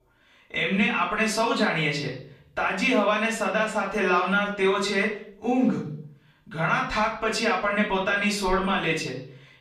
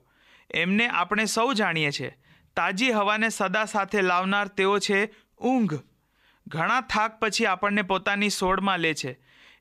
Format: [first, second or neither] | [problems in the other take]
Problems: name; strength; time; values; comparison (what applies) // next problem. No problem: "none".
second | room echo; slight; dies away in 0.5 s // off-mic speech; far